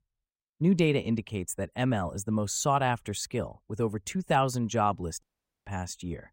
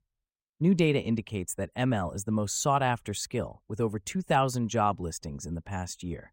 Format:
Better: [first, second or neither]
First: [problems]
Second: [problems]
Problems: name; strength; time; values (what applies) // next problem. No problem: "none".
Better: second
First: audio cutting out; at 5 s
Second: none